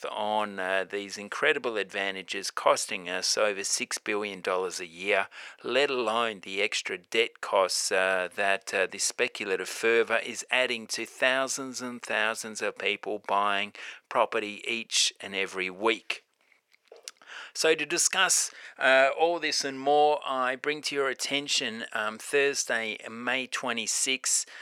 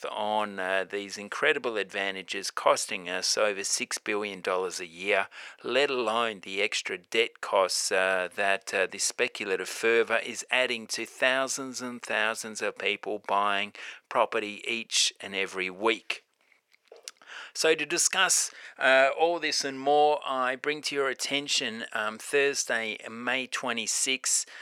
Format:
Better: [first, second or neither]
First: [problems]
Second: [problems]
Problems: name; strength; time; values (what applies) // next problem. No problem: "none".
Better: neither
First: thin; very; fading below 650 Hz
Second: thin; very; fading below 650 Hz